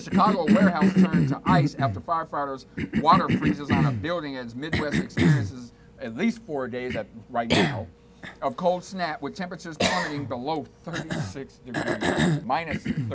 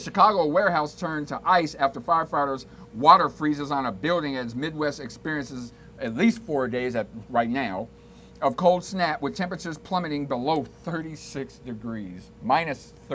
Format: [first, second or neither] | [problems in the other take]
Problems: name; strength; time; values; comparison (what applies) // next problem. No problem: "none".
second | background sound (Cough); 3 dB above the speech